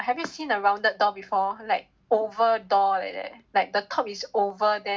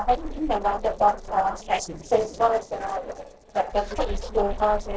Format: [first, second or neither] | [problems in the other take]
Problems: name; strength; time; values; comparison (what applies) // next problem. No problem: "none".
first | noise reduction (neural separator model SepFormer DNS4)